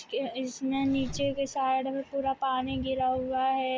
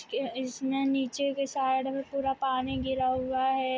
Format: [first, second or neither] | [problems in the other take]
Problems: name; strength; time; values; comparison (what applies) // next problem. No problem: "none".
second | background sound (Engine); 17 dB below the speech